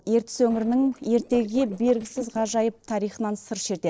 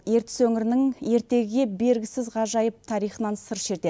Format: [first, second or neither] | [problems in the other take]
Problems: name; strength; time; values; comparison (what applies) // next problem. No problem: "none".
second | noise reduction (neural separator model SepFormer DNS4)